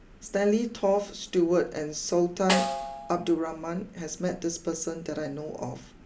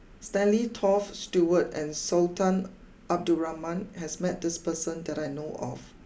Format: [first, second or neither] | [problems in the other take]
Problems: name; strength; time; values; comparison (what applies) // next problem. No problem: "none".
second | background sound (Snare drum); 6 dB below the speech